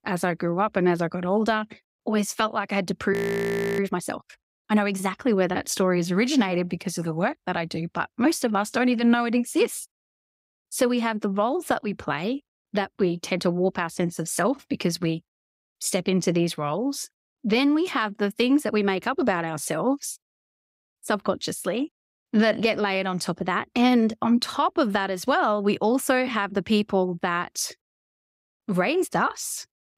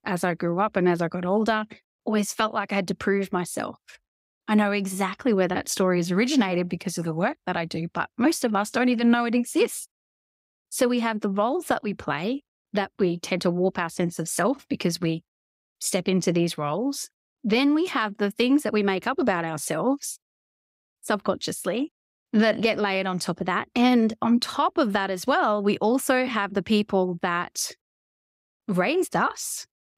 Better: second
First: audio freezing; at 3 s for 0.5 s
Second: none

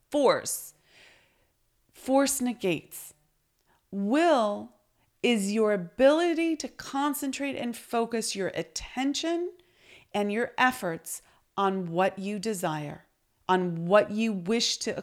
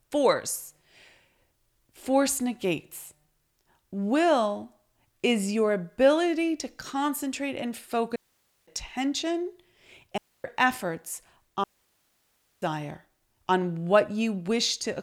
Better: first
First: none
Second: audio cutting out; at 8 s for 0.5 s, at 10 s and at 12 s for 1 s

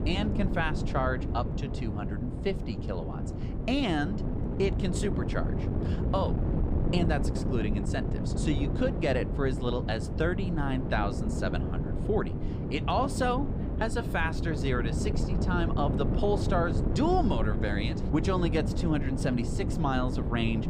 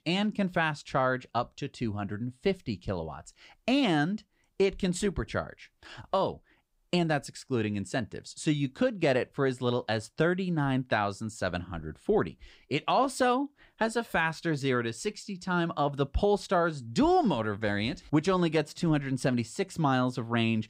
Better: second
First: wind noise on the microphone; heavy; 7 dB below the speech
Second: none

